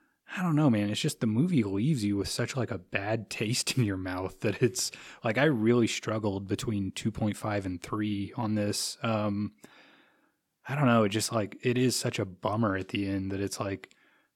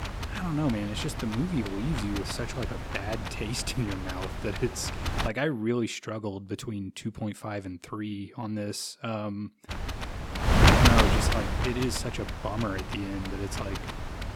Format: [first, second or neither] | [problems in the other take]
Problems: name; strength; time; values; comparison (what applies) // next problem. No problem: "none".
first | wind noise on the microphone; heavy; until 5.5 s and from 9.5 s on; 3 dB above the speech